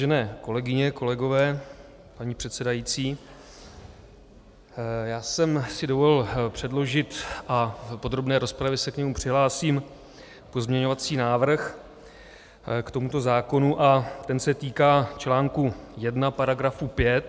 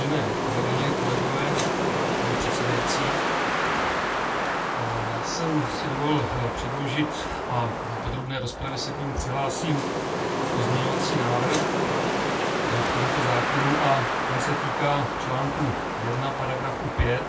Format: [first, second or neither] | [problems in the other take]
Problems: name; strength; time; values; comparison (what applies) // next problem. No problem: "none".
first | background sound (Wind); 3 dB above the speech // room echo; dies away in 0.2 s